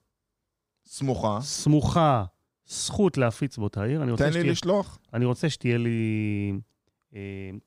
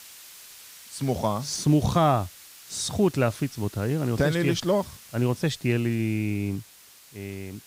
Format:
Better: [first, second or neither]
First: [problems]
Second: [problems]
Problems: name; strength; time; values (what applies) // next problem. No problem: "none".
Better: first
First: none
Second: hiss; noticeable; throughout; 20 dB below the speech